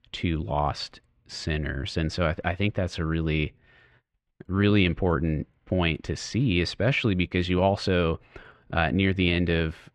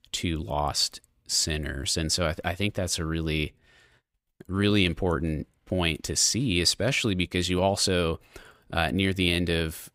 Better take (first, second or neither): second